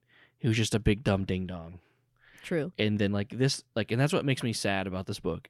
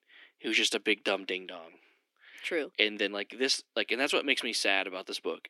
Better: first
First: none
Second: thin; somewhat; fading below 300 Hz

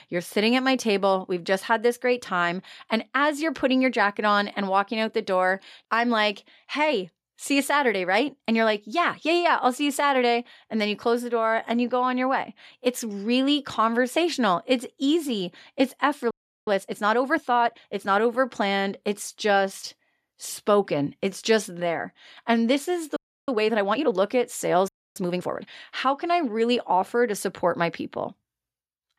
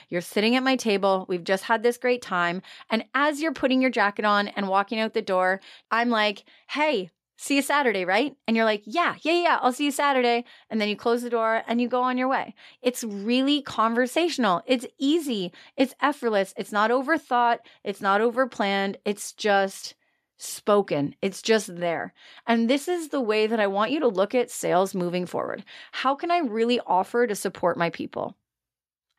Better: second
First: audio freezing; at 16 s, at 23 s and at 25 s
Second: none

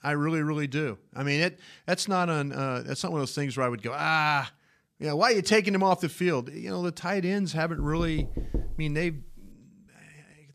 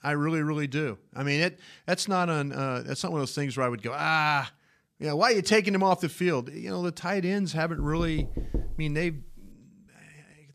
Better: neither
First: door banging; noticeable; from 8 to 9.5 s; peak 7 dB below the speech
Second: door banging; noticeable; from 8 to 9.5 s; peak 7 dB below the speech

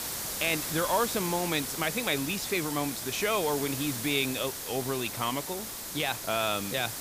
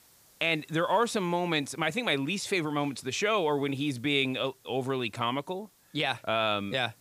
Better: second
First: hiss; loud; throughout; 4 dB below the speech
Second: hiss; faint; throughout; 30 dB below the speech

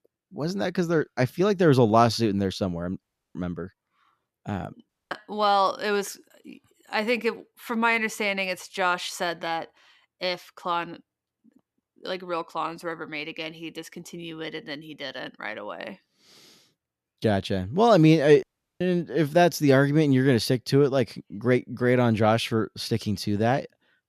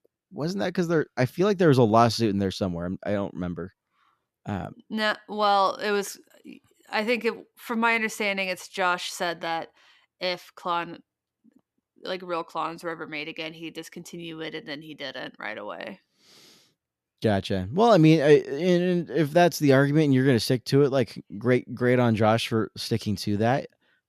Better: second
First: audio cutting out; at 3 s, at 5 s and at 18 s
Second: none

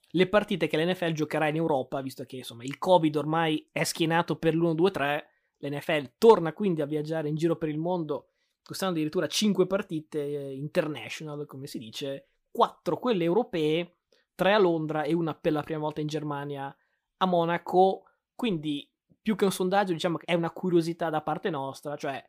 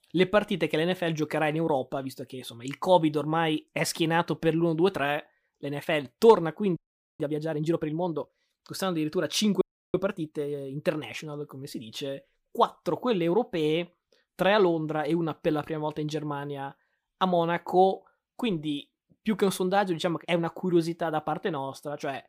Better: first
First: none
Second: audio freezing; at 7 s and at 9.5 s

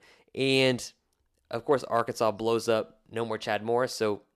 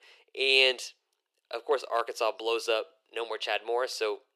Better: first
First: none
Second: thin; very; fading below 400 Hz

